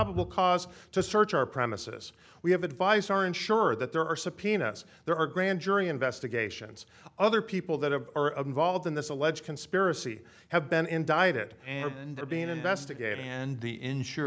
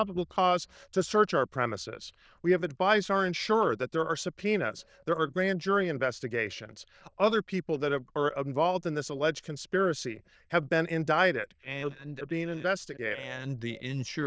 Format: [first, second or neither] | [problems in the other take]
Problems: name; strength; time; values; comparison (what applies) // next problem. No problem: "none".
first | noise reduction (neural diffusion model UNIVERSE++)